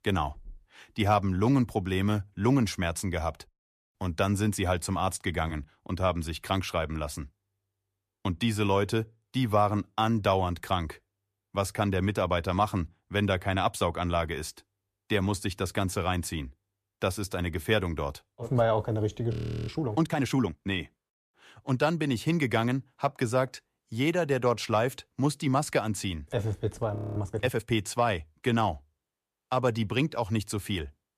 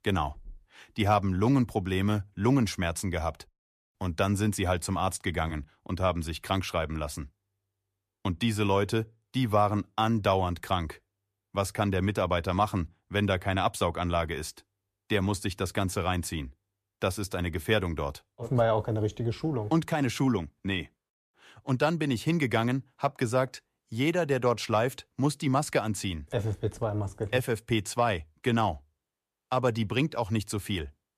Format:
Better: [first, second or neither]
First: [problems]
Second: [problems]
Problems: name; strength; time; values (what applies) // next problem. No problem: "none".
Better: second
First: audio freezing; at 19 s and at 27 s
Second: none